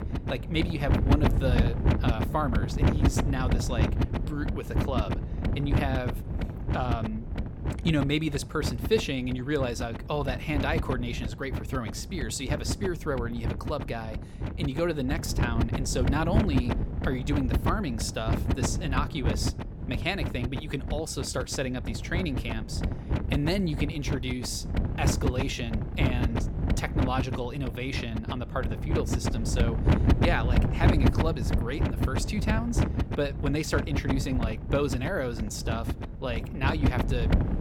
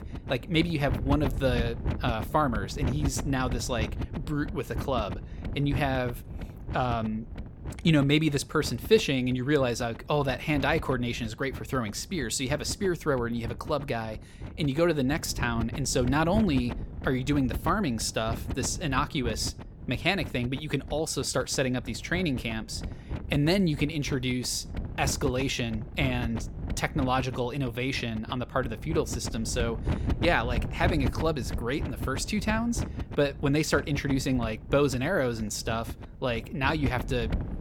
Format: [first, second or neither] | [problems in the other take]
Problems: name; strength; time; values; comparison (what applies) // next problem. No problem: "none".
second | wind noise on the microphone; heavy; 4 dB below the speech; occasional gusts in the second